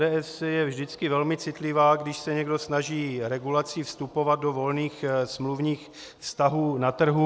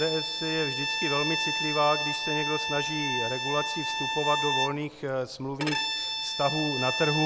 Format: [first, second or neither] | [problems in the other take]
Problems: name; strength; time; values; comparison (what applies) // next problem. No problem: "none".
first | background sound (Bowed string instrument); as loud as the speech